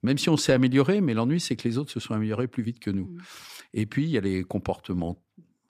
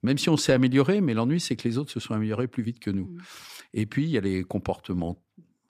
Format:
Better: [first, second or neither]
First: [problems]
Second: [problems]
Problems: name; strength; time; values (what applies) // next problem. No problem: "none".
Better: neither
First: none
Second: none